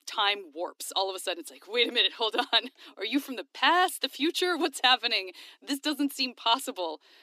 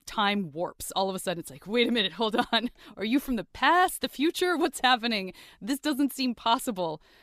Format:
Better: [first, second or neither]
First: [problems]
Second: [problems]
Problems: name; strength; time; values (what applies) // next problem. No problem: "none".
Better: second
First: thin; very slightly; fading below 250 Hz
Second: none